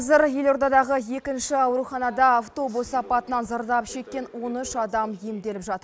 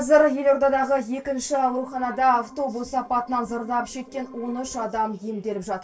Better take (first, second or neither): first